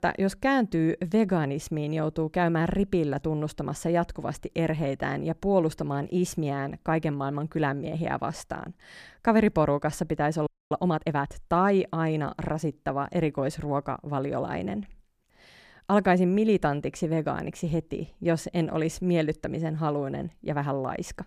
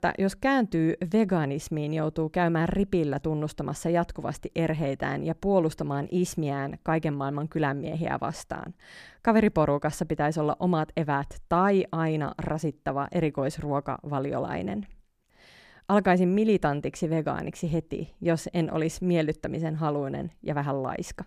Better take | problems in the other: second | audio freezing; at 10 s

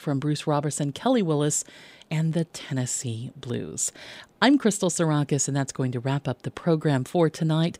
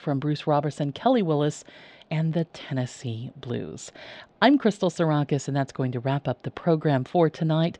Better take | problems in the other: first | muffled; slightly; fading above 4.5 kHz

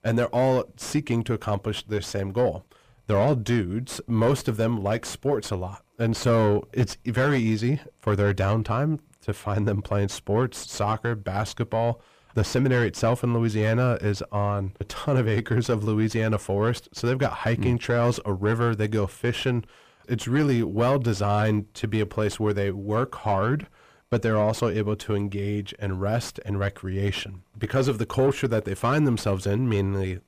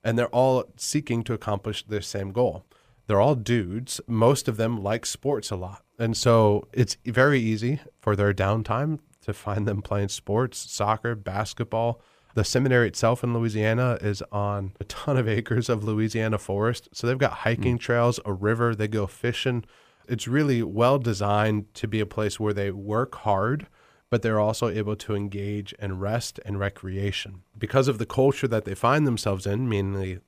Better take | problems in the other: second | distortion; slight; 10 dB below the speech

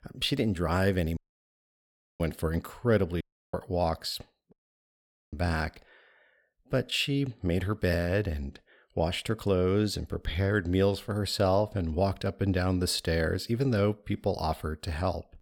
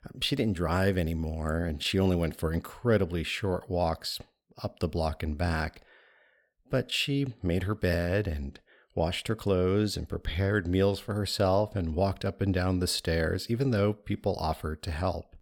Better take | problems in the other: second | audio cutting out; at 1 s for 1 s, at 3 s and at 4.5 s for 1 s

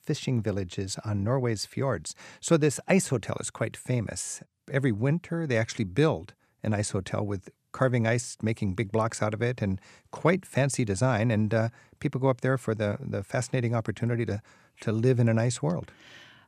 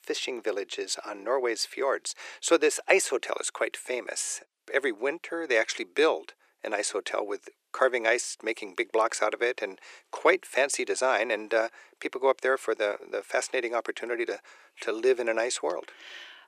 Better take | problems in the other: first | thin; very; fading below 350 Hz

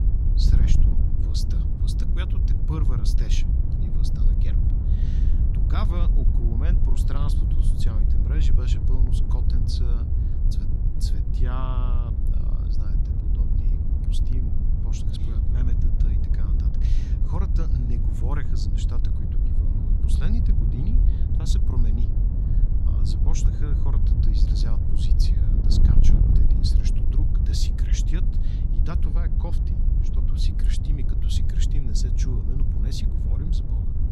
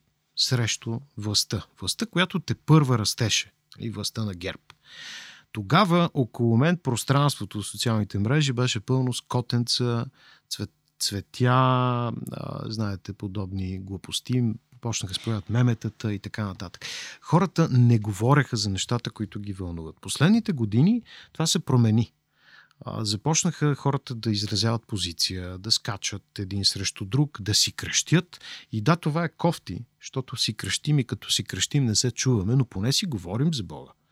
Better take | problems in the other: second | wind noise on the microphone; heavy; as loud as the speech

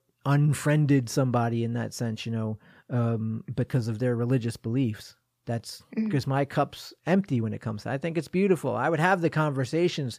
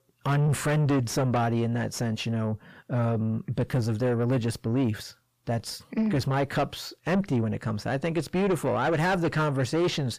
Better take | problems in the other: first | distortion; heavy; 6 dB below the speech

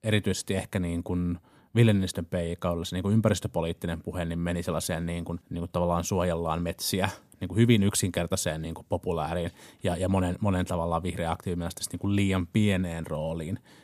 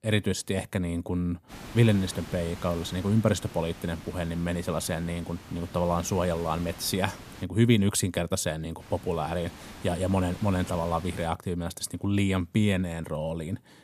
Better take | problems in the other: first | hiss; noticeable; from 1.5 to 7.5 s and from 9 to 11 s; 15 dB below the speech

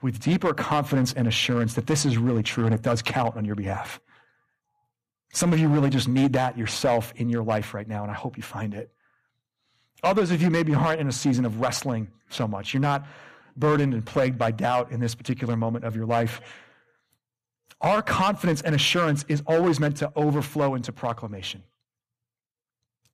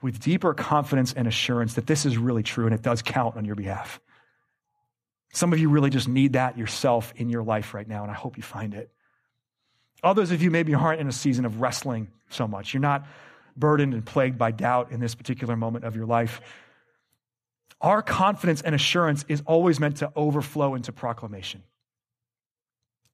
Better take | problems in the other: second | distortion; slight; 4% of the sound clipped

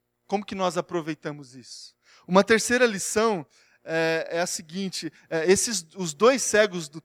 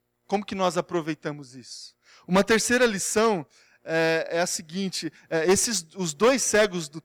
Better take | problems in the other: first | distortion; slight; 3% of the sound clipped

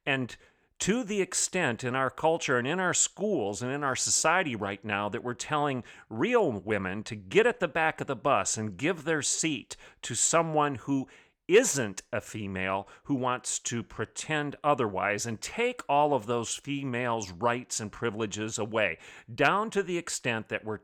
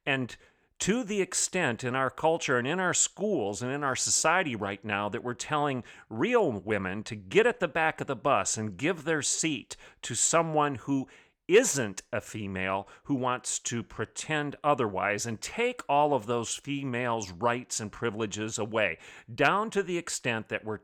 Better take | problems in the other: neither | none

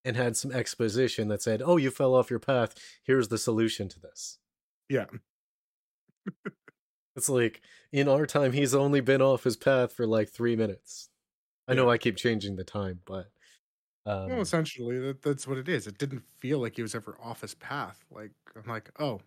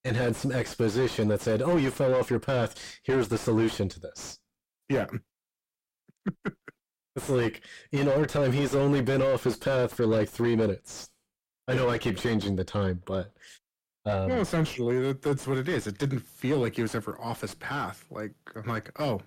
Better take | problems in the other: first | distortion; heavy; 5 dB below the speech

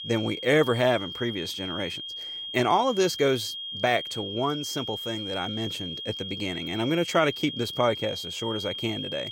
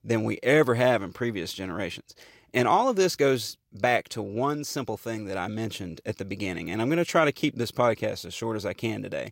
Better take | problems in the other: second | high-pitched whine; loud; throughout; 3 kHz, 6 dB below the speech

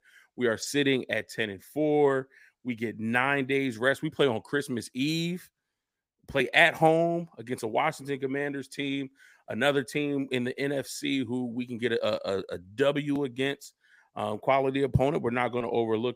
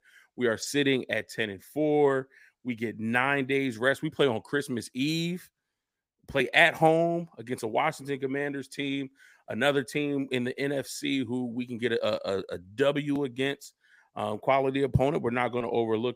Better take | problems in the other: neither | none

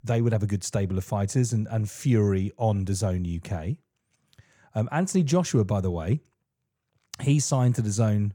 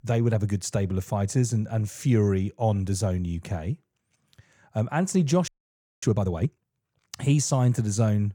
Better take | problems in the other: first | audio freezing; at 5.5 s for 0.5 s

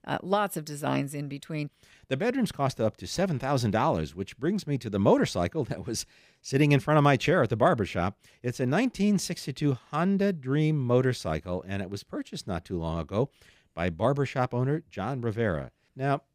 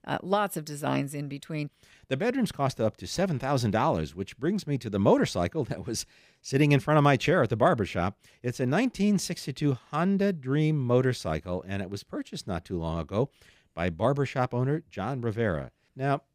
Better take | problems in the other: neither | none

